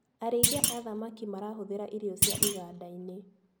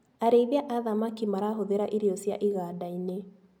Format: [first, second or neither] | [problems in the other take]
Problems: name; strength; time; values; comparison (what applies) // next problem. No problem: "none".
second | background sound (Thump, thud); 5 dB above the speech